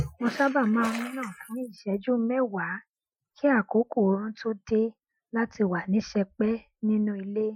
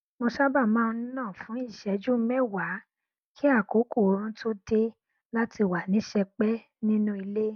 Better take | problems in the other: second | noise reduction (classical method Wiener filter)

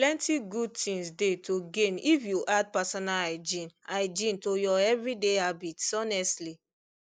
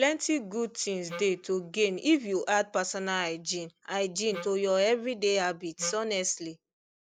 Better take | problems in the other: first | background sound (Wind instrument, woodwind instrument); 13 dB below the speech

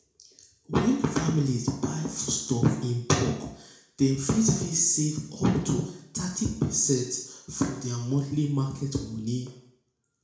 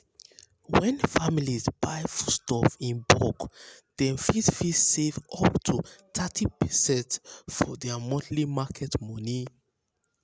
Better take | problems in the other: second | room echo; dies away in 0.6 s

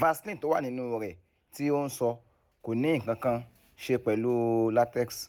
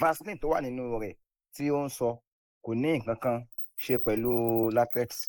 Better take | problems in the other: first | noise reduction (neural mask model Resemble Enhance denoiser)

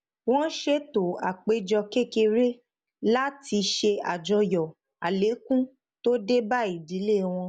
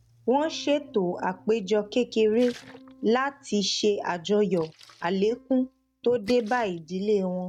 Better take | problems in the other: first | noise reduction (neural mask model RNNoise)

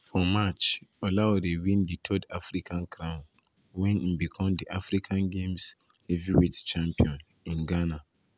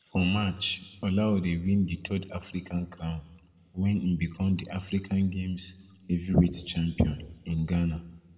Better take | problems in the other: first | room echo; dies away in 1 s

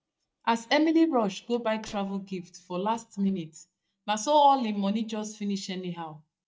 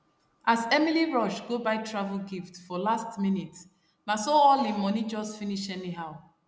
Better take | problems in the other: second | noise reduction (neural mask model DeepFilterNet 3)

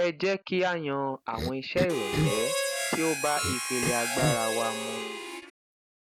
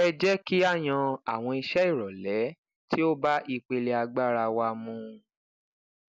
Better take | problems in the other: second | background sound (Cough + Harmonica); as loud as the speech

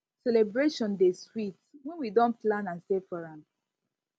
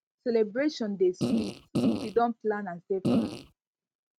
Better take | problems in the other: first | noise reduction (neural mask model RNNoise)

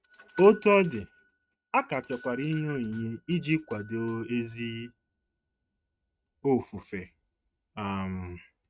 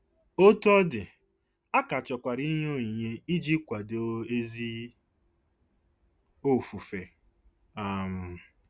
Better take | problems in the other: second | noise reduction (neural mask model RNNoise)

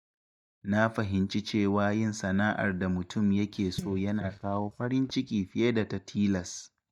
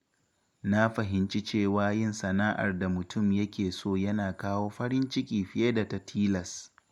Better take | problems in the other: second | noise reduction (neural mask model DeepFilterNet 3)

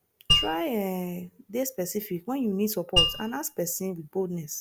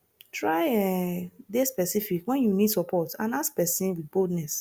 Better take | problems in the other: second | background sound (Mallet percussion); 3 dB above the speech

